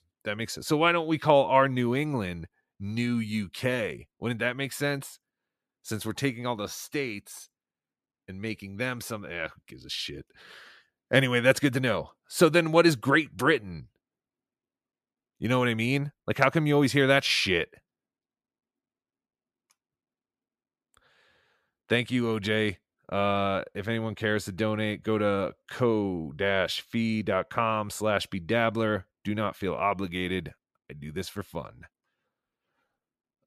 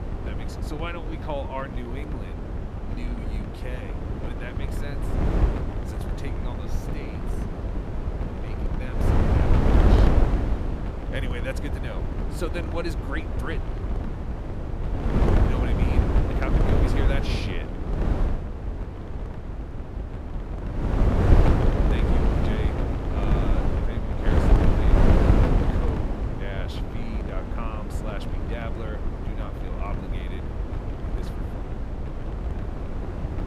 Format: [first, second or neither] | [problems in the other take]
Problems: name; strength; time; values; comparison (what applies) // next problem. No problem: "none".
first | wind noise on the microphone; heavy; 4 dB above the speech